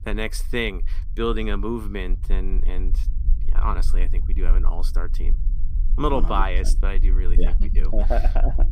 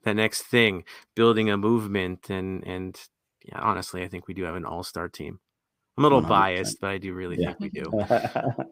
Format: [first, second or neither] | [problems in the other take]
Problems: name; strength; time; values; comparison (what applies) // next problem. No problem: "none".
second | low rumble; faint; throughout; 20 dB below the speech